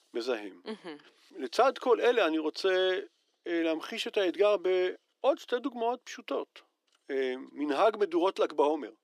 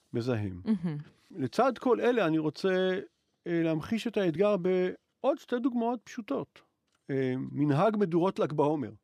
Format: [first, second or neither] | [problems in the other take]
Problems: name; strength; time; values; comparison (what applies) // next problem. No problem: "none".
second | thin; somewhat; fading below 350 Hz